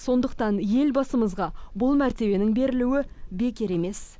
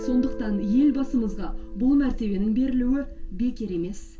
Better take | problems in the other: first | background sound (Guitar); 17 dB below the speech // room echo; dies away in 0.2 s

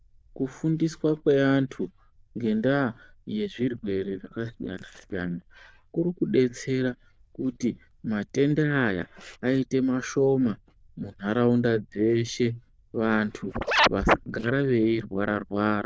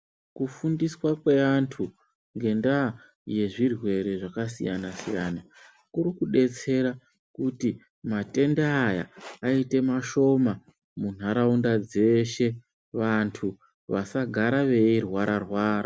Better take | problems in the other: second | noise reduction (neural diffusion model UNIVERSE++)

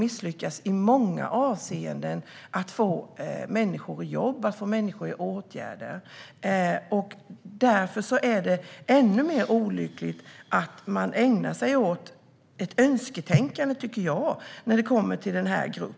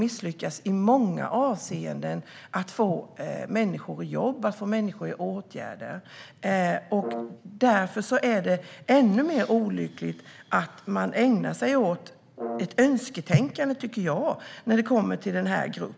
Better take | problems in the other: first | background sound (Brass instrument); 11 dB below the speech

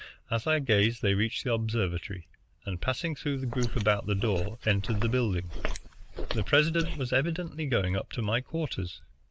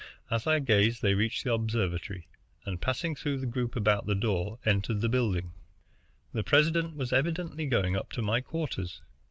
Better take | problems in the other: second | noise reduction (neural mask model Resemble Enhance denoiser)

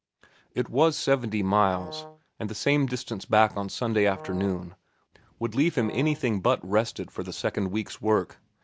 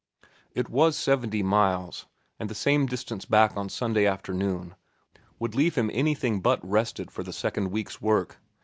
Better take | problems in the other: second | background sound (Brass instrument); 16 dB below the speech

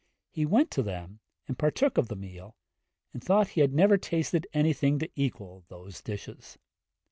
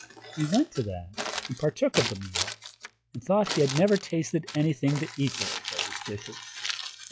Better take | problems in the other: first | noise reduction (classical method log-MMSE)

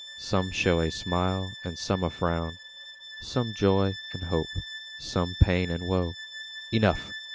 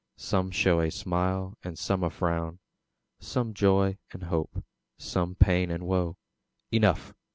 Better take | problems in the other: second | background sound (Bowed string instrument); 13 dB below the speech

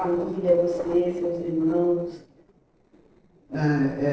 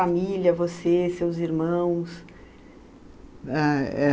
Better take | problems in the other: second | noise reduction (neural separator model SepFormer DNS4)

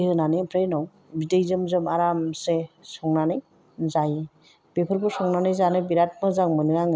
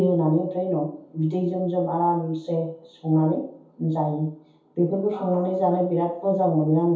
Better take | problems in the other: first | room echo; dies away in 0.6 s

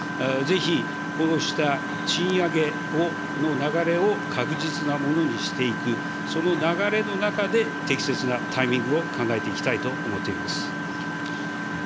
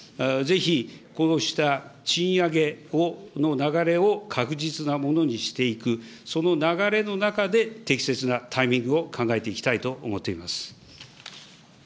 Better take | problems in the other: second | background sound (Engine); 3 dB below the speech

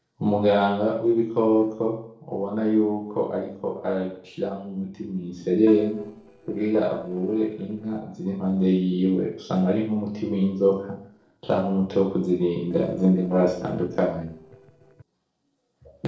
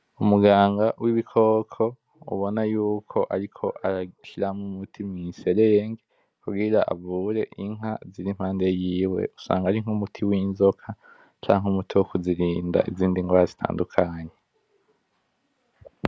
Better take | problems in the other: second | noise reduction (neural separator model SepFormer DNS4)

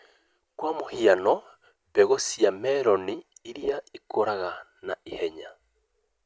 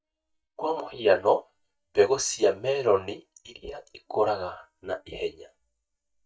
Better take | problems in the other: first | noise reduction (neural mask model DeepFilterNet 3)

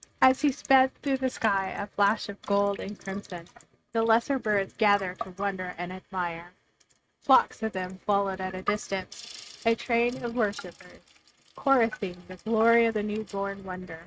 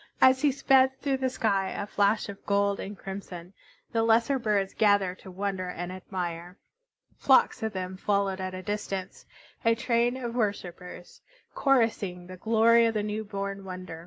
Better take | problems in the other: second | noise reduction (neural mask model RNNoise)

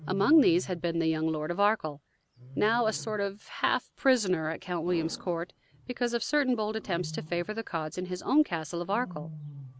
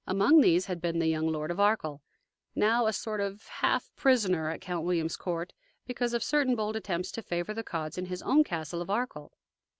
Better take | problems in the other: second | background sound (Wild animals); 17 dB below the speech

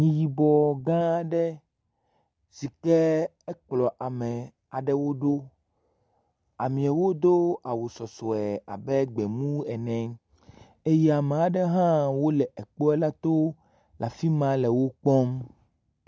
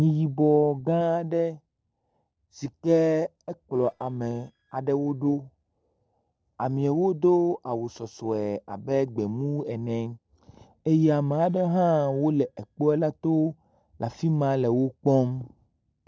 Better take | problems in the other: first | noise reduction (neural separator model SepFormer DNS4)

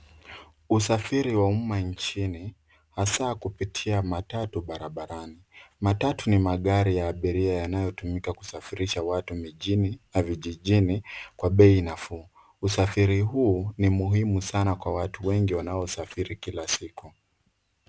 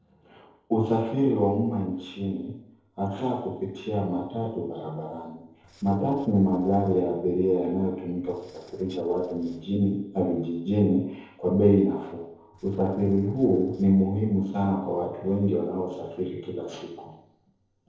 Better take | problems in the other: first | noise reduction (neural separator model SepFormer DNS4)

